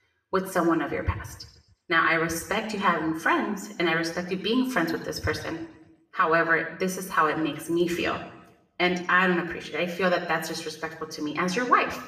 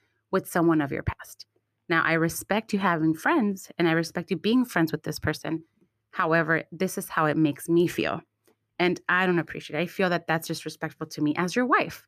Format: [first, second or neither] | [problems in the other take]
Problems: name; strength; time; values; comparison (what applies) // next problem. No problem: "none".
second | room echo; slight; dies away in 0.7 s // off-mic speech; somewhat distant